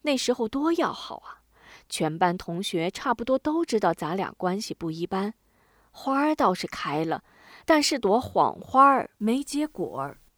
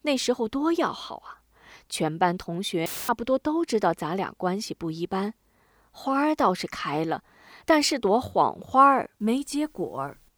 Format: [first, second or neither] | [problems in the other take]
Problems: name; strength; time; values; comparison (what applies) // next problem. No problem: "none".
first | audio cutting out; filled with static; at 3 s